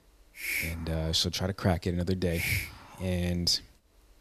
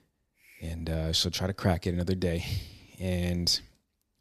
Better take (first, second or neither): second